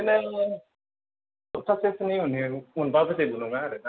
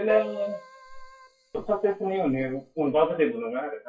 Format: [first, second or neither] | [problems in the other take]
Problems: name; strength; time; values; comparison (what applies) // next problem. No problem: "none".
first | noise reduction (classical method WPE with log-MMSE)